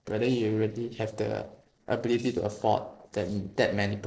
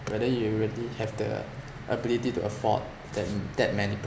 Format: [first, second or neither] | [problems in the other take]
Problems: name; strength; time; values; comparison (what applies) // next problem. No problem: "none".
second | noise reduction (neural separator model SepFormer DNS4)